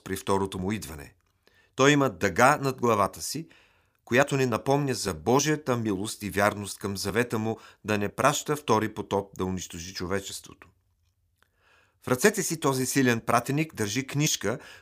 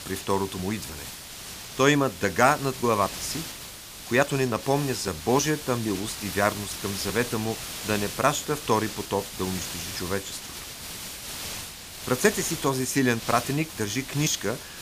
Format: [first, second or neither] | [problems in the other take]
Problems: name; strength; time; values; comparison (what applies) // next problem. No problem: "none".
first | hiss; loud; throughout; 9 dB below the speech